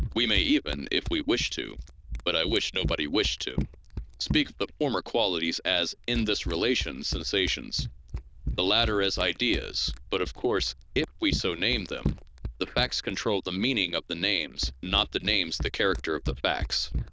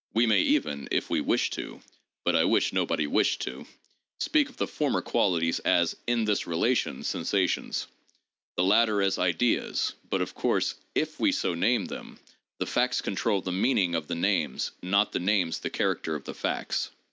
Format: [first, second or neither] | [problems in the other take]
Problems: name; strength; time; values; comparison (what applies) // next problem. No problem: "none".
second | noise reduction (neural diffusion model UNIVERSE++)